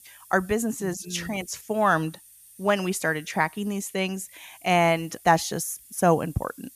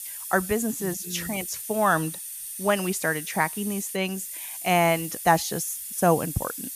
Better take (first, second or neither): first